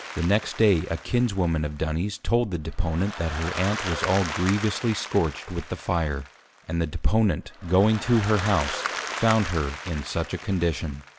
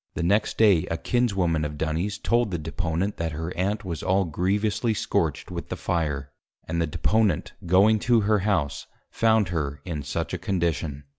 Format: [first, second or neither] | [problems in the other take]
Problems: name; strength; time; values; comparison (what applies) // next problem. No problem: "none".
second | background sound (Applause); 11 dB below the speech